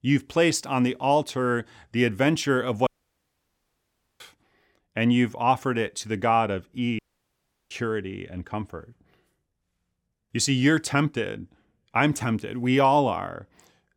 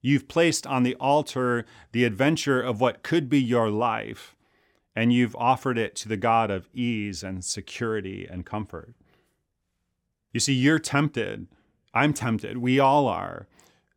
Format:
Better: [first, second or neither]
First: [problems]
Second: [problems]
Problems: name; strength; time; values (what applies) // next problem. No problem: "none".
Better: second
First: audio cutting out; at 3 s for 1.5 s and at 7 s for 0.5 s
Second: none